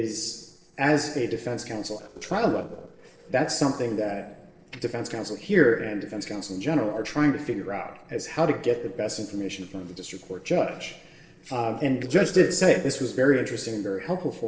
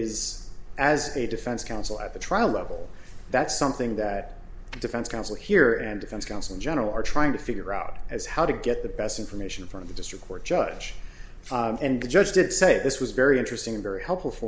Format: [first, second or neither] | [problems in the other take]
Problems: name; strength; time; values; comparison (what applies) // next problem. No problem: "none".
second | noise reduction (neural separator model SepFormer DNS4)